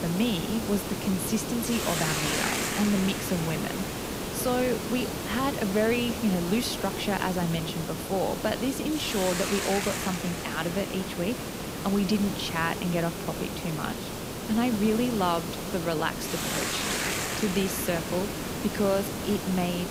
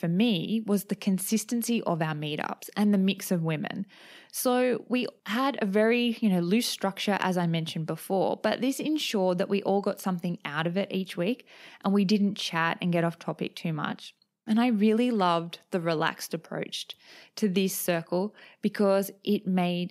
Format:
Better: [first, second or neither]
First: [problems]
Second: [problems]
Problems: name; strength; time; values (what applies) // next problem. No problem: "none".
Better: second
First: hiss; loud; throughout; 2 dB below the speech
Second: none